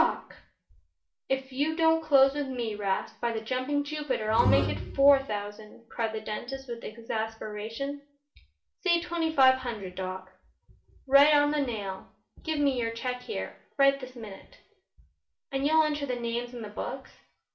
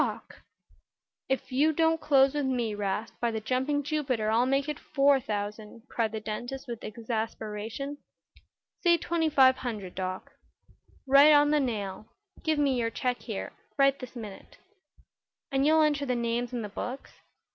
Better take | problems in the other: second | background sound (Bowed string instrument); 1 dB below the speech // room echo; dies away in 0.4 s

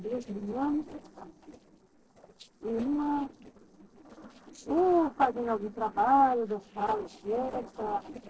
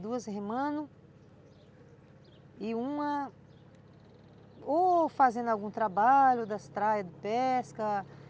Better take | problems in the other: second | noise reduction (neural separator model SepFormer DNS4)

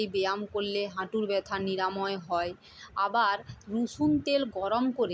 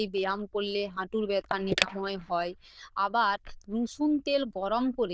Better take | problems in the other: first | noise reduction (neural diffusion model UNIVERSE++)

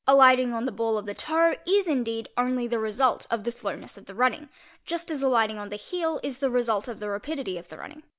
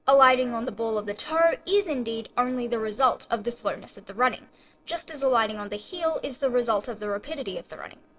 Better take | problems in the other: first | noise reduction (neural separator model SepFormer DNS4)

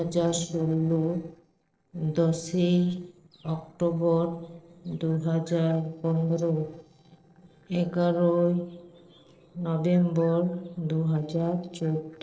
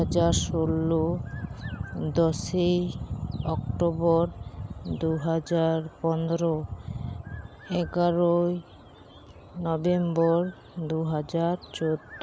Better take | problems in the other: second | noise reduction (neural separator model SepFormer DNS4)

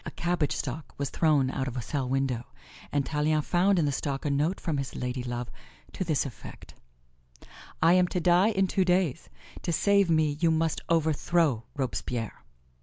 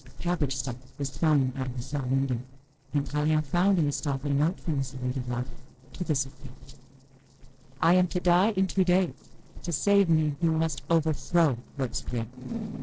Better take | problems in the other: first | noise reduction (neural separator model SepFormer DNS4)

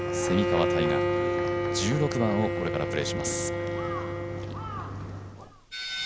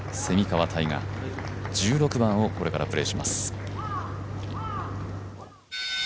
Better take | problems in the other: second | background sound (Bowed string instrument); 1 dB above the speech

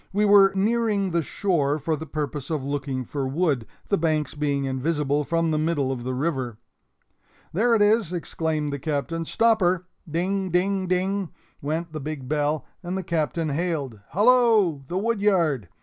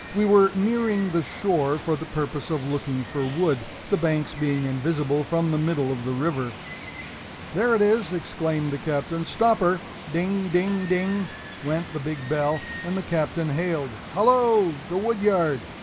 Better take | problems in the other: first | background sound (Water); 14 dB below the speech

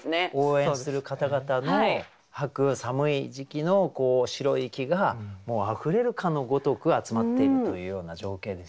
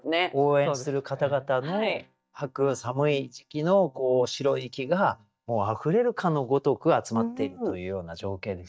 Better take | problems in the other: first | noise reduction (neural mask model DeepFilterNet 3)

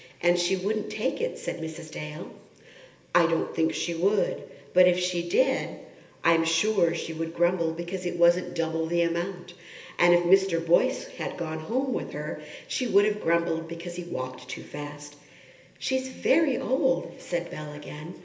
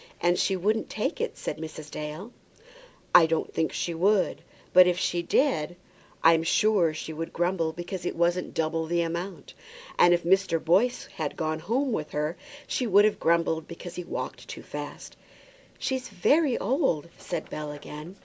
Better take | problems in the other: second | room echo; dies away in 1.4 s

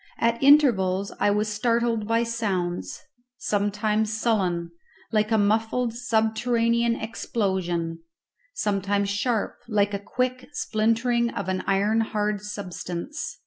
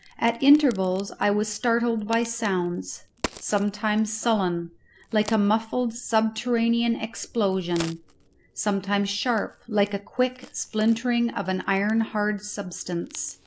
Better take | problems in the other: first | background sound (Crack); 20 dB below the speech

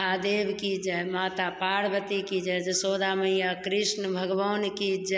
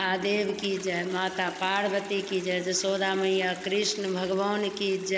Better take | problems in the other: first | background sound (Toilet flush); 16 dB below the speech

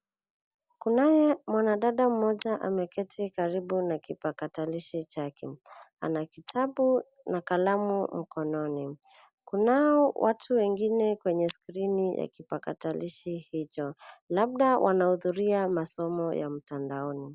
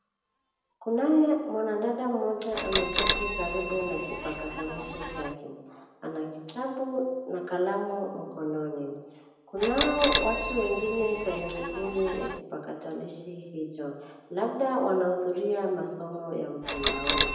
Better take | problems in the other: first | background sound (Bell); 5 dB below the speech // room echo; dies away in 0.9 s

